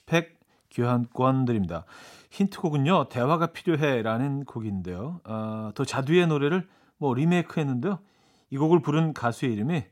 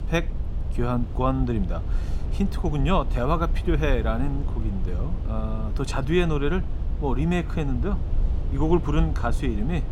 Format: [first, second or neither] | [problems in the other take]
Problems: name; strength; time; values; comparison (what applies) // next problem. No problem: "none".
first | low rumble; noticeable; throughout; 15 dB below the speech